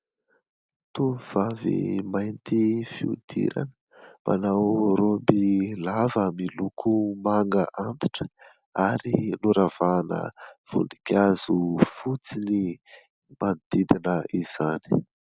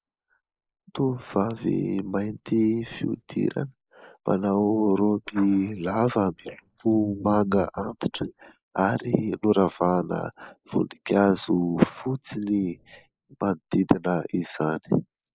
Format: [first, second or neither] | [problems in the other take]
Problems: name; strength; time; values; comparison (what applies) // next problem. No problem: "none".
first | noise reduction (neural mask model Resemble Enhance denoiser)